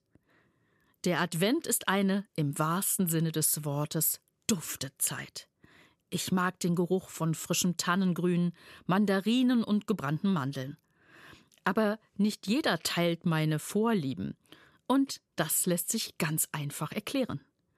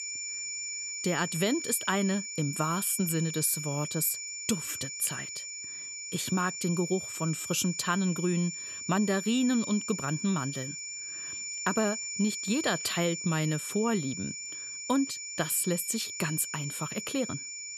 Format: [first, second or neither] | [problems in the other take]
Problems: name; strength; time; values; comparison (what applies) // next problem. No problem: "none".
first | high-pitched whine; loud; throughout; 7 kHz, 5 dB below the speech